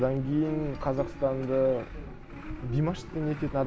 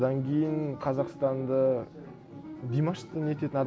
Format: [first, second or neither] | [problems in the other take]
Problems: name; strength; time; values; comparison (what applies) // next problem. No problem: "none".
second | background sound (Truck); 12 dB below the speech